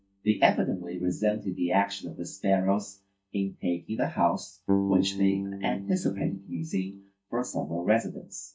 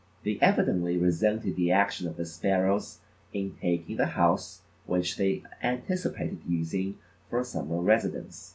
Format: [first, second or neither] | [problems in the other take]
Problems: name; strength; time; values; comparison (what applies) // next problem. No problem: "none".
second | noise reduction (neural mask model DeepFilterNet 3)